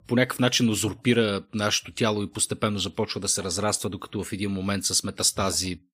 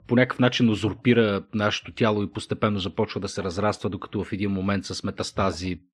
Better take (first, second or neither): first